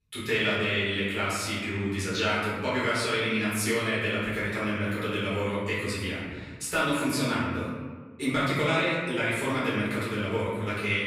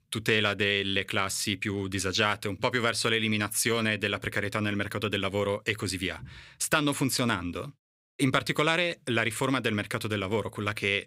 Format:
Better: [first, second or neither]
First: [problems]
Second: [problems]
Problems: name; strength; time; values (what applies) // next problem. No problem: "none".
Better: second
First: room echo; noticeable; dies away in 1.4 s // off-mic speech; far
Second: none